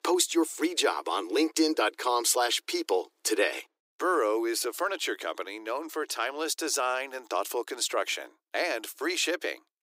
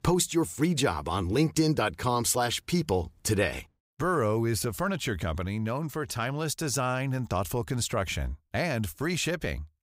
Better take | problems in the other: second | thin; very; fading below 300 Hz

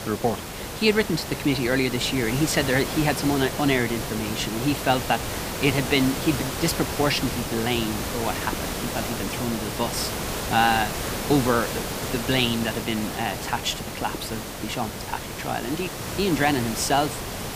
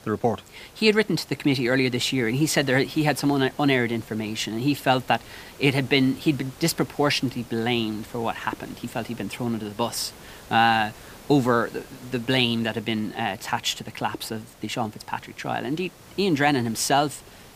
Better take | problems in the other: second | hiss; loud; throughout; 5 dB below the speech; faint in the second

